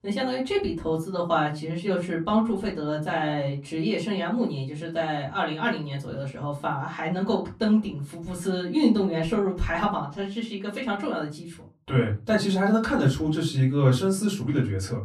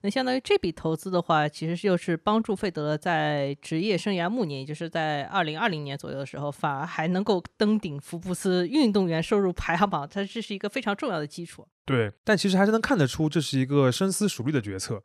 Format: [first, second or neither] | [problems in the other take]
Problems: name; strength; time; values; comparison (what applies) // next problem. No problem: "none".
second | off-mic speech; far // room echo; very slight; dies away in 0.3 s